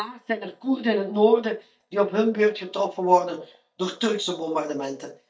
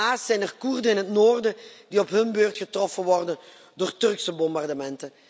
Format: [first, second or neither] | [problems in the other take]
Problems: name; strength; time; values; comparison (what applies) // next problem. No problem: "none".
second | noise reduction (neural mask model DeepFilterNet 3)